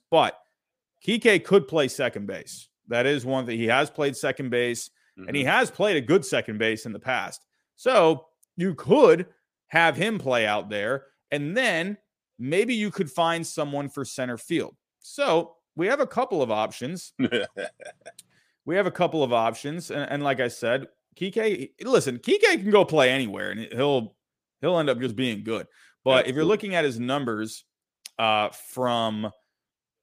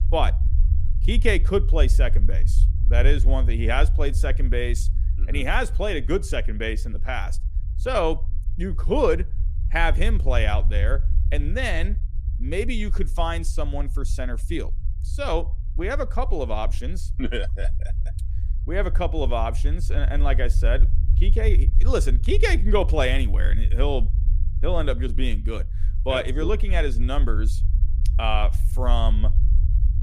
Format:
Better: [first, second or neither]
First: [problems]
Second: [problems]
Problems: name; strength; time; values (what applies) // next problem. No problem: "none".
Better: first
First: none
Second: low rumble; noticeable; throughout; 20 dB below the speech